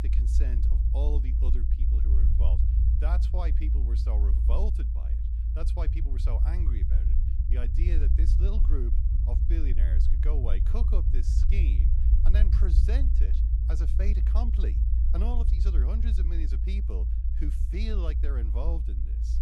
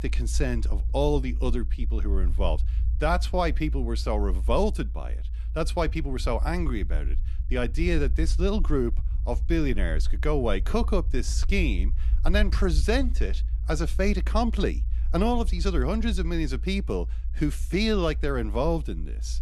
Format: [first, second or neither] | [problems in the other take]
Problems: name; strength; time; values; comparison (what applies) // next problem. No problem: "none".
second | low rumble; loud; throughout; 3 dB below the speech; faint in the second